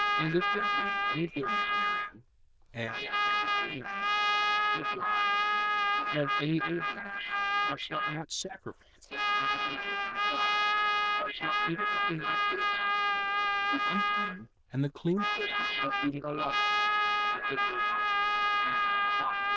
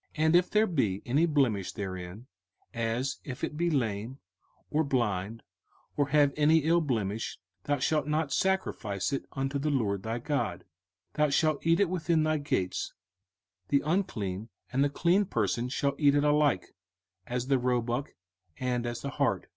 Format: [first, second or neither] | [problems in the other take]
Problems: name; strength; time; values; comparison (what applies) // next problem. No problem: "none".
second | noise reduction (neural diffusion model UNIVERSE++)